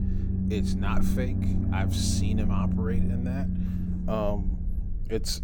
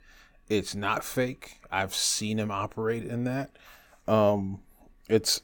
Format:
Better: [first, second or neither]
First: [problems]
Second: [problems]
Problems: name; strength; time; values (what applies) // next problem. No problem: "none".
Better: second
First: low rumble; loud; throughout; 4 dB below the speech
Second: none